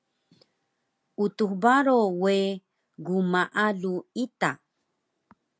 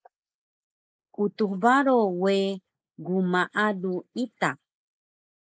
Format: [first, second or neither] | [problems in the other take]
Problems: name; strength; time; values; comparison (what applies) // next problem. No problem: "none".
first | noise reduction (neural mask model Resemble Enhance denoiser)